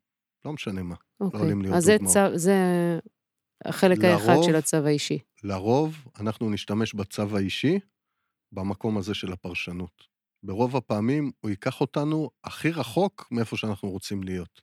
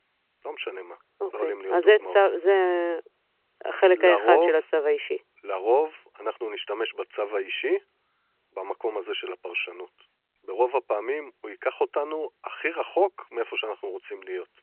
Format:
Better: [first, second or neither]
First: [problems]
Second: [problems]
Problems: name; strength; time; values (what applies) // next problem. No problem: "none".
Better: first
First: none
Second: phone-call audio; nothing above 2.5 kHz